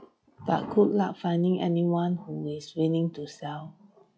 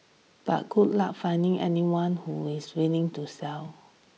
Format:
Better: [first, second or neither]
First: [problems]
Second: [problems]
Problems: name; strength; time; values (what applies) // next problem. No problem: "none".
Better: second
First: noise reduction (classical method log-MMSE)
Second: none